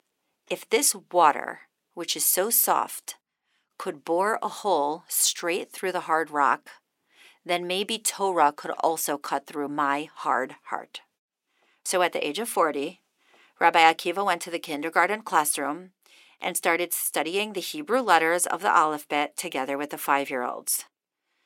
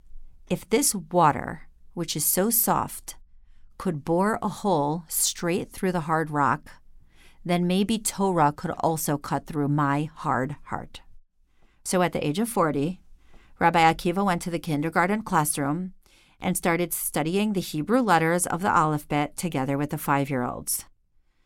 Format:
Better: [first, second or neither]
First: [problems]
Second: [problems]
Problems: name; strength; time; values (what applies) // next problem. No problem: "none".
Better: second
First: thin; somewhat; fading below 350 Hz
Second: none